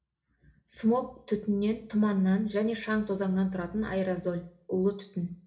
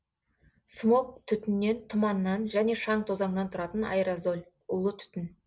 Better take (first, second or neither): second